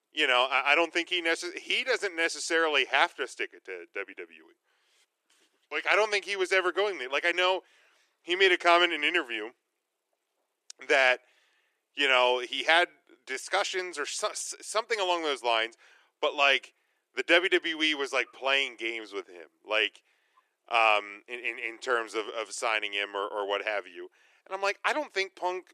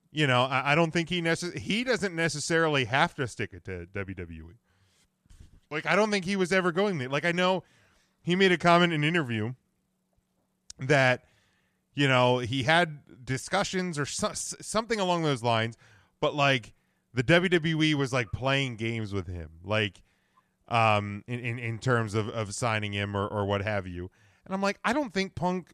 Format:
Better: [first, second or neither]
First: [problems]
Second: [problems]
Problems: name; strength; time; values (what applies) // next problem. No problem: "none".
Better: second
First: thin; very; fading below 350 Hz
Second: none